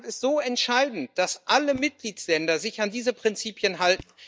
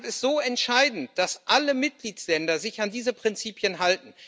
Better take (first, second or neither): second